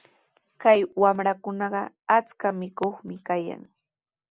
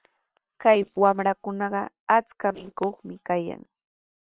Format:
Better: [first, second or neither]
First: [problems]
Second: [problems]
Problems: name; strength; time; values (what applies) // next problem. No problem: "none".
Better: first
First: none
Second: noise reduction (neural separator model SepFormer WHAM!)